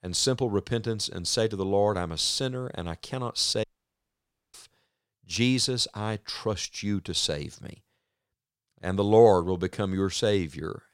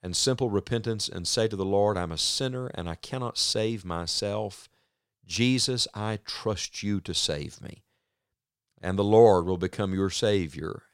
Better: second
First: audio cutting out; at 3.5 s for 1 s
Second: none

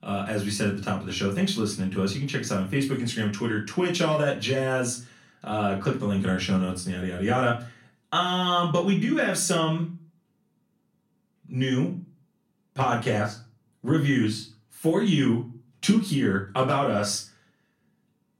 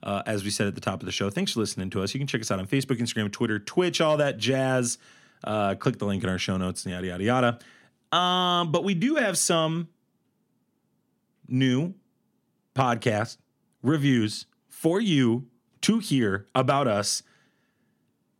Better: second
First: off-mic speech; far // room echo; slight; dies away in 0.3 s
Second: none

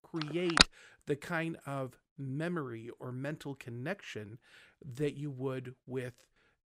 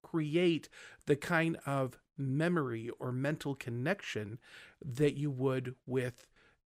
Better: second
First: phone ringing; loud; at the start; peak 15 dB above the speech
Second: none

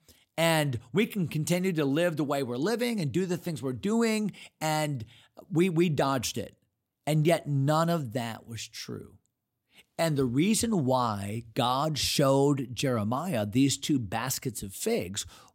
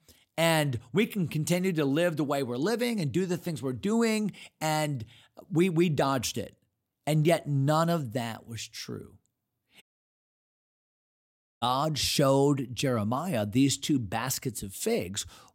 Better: first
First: none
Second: audio cutting out; at 10 s for 2 s

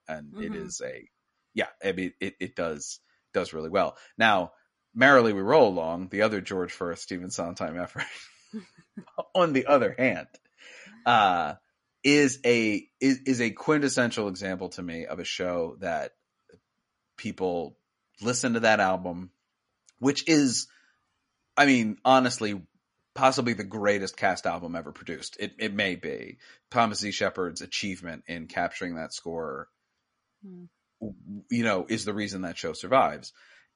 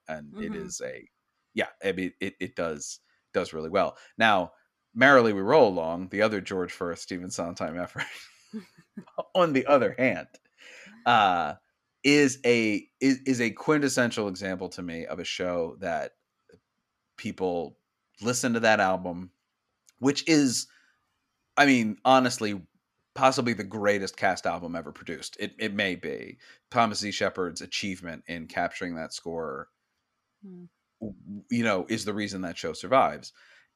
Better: second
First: garbled, watery; slightly; nothing above 10.5 kHz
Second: none

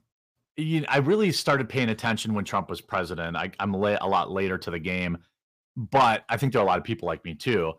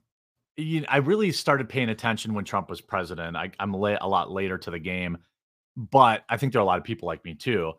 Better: second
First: distortion; slight; 10 dB below the speech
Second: none

